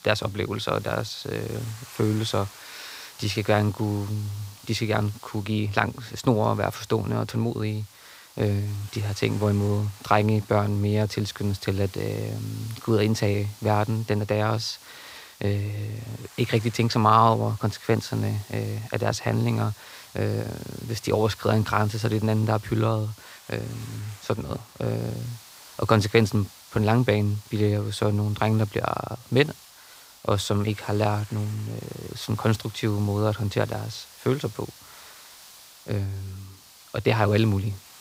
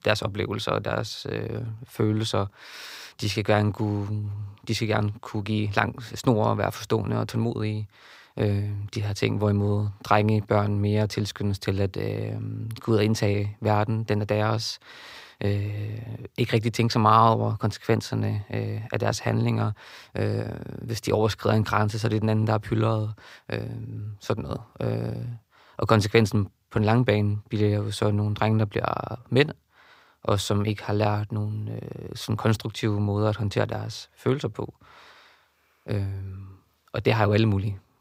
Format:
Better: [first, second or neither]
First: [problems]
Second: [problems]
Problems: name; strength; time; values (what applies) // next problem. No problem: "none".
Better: second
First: hiss; faint; throughout; 20 dB below the speech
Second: none